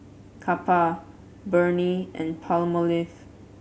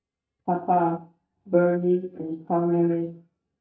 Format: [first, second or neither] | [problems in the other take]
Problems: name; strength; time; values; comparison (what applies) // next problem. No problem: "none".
first | noise reduction (neural mask model DeepFilterNet 3)